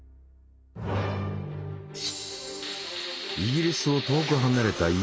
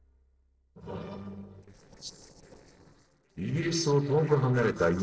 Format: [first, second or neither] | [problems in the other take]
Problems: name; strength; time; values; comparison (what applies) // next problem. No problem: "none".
first | noise reduction (neural separator model SepFormer DNS4)